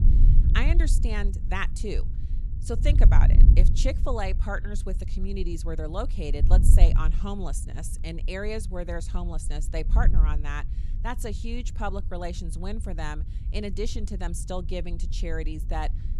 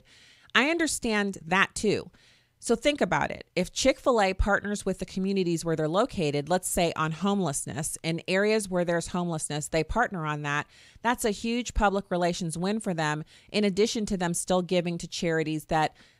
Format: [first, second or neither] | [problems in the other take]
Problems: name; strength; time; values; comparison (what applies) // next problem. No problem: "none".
second | wind noise on the microphone; occasional gusts; 10 dB below the speech